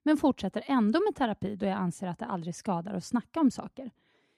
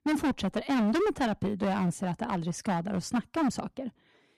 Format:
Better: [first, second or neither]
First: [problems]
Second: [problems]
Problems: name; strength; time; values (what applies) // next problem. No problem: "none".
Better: first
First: none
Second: distortion; heavy; 16% of the sound clipped